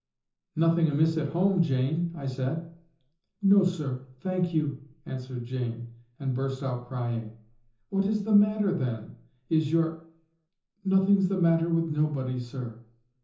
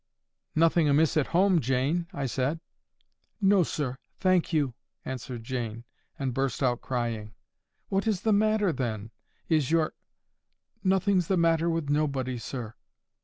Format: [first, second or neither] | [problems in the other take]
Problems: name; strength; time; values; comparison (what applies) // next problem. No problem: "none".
second | room echo; dies away in 0.6 s